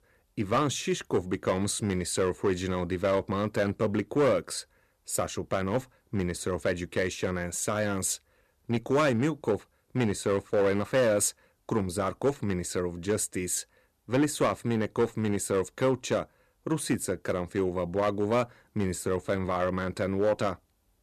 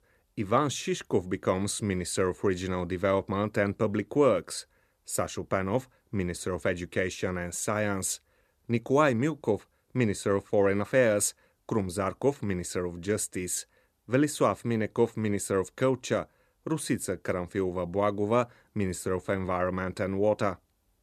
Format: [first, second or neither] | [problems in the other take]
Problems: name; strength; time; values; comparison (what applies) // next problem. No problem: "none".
second | distortion; slight; 4% of the sound clipped